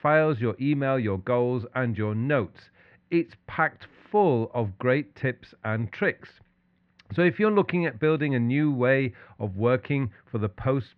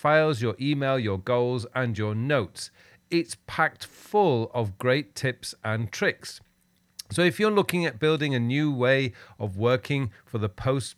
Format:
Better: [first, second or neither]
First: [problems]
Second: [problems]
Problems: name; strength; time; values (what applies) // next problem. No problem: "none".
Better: second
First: muffled; very; fading above 3 kHz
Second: none